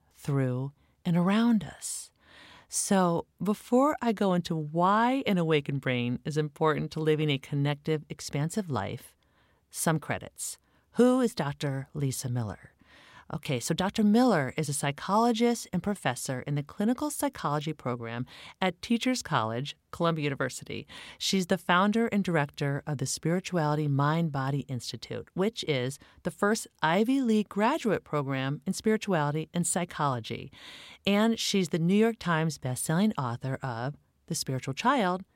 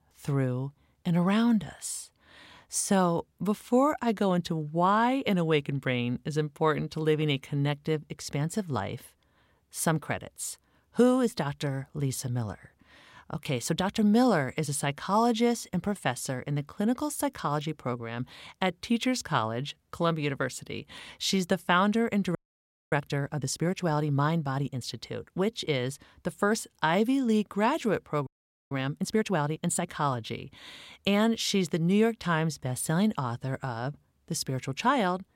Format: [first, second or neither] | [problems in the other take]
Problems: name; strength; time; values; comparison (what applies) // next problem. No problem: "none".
first | audio freezing; at 22 s for 0.5 s and at 28 s